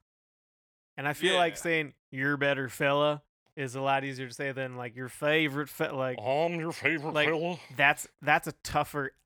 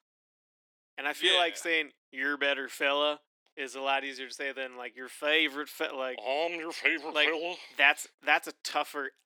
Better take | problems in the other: first | thin; somewhat; fading below 300 Hz

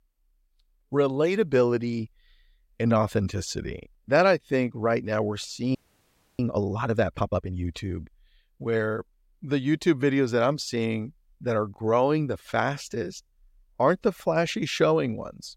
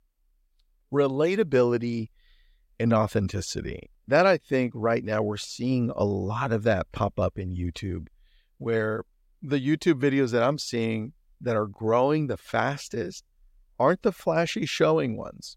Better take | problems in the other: second | audio freezing; at 6 s for 0.5 s

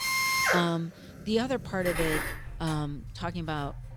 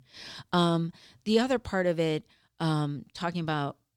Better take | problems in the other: second | machinery noise; very loud; throughout; 3 dB above the speech

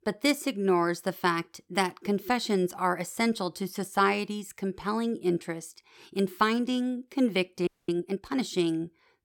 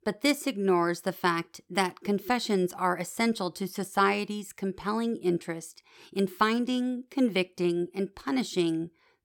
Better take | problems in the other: second | audio freezing; at 7.5 s

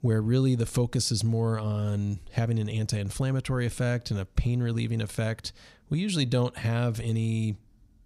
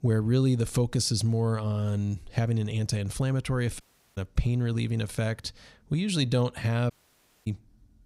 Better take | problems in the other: first | audio cutting out; at 4 s and at 7 s for 0.5 s

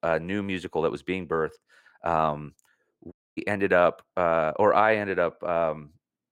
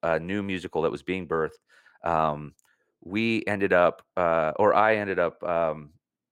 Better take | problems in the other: second | audio cutting out; at 3 s

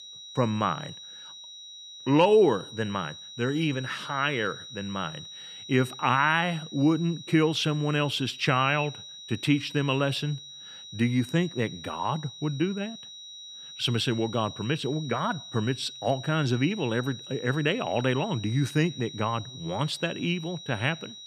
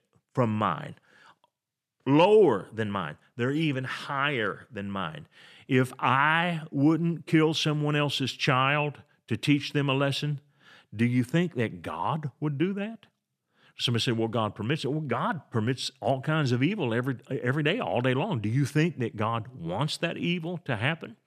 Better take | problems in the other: second | high-pitched whine; noticeable; throughout; 4 kHz, 15 dB below the speech

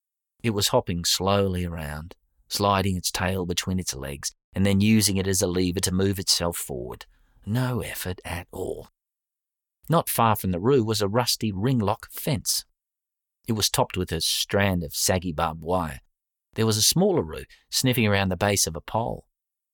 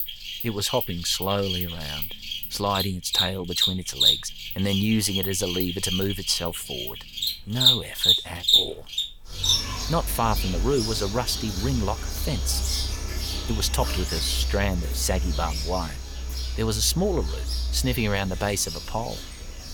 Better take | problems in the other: first | animal sounds; very loud; throughout; 1 dB above the speech

